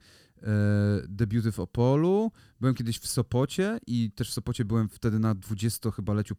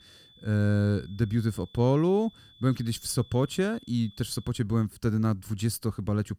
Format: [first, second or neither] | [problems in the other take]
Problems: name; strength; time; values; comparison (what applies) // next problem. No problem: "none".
first | high-pitched whine; faint; until 4.5 s; 3.5 kHz, 25 dB below the speech